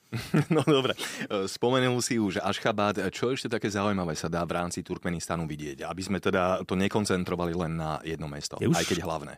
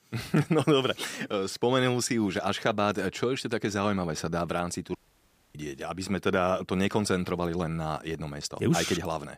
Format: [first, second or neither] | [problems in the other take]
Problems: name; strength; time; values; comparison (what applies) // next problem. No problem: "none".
first | audio cutting out; at 5 s for 0.5 s